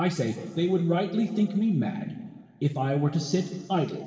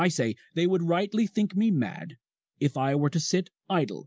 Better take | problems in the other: second | room echo; dies away in 1.7 s

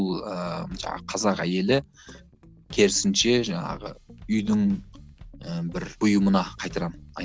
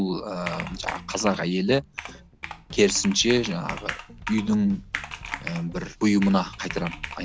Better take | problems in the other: first | background sound (Computer keyboard); 12 dB below the speech

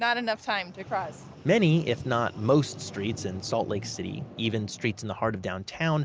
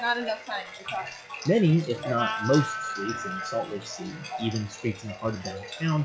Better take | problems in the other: first | noise reduction (classical method log-MMSE)

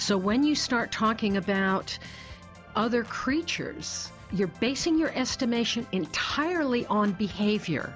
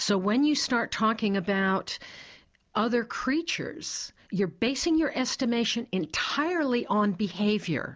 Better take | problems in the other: second | background sound (Organ); 18 dB below the speech

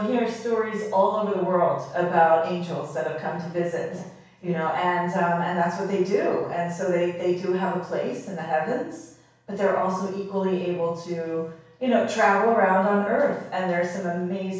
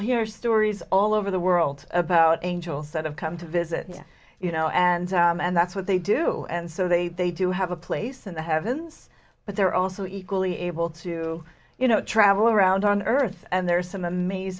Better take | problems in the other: second | room echo; dies away in 0.7 s

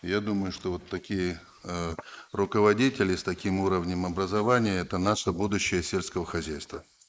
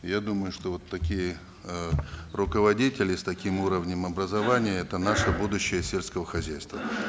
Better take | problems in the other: second | noise reduction (neural mask model Resemble Enhance denoiser)

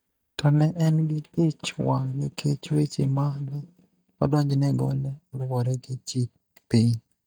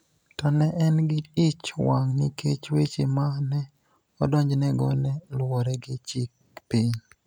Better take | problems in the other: second | noise reduction (neural mask model DeepFilterNet 3)

